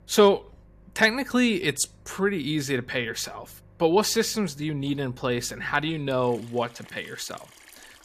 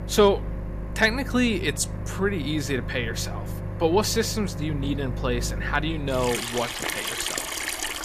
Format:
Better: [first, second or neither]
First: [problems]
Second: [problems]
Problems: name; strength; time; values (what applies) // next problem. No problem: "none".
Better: first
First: household noises; faint; throughout; 25 dB below the speech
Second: household noises; loud; throughout; 5 dB below the speech